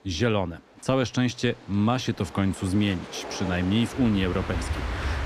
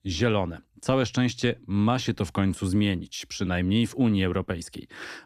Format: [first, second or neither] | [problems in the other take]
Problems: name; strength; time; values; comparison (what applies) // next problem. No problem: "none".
second | train or aircraft noise; loud; throughout; 9 dB below the speech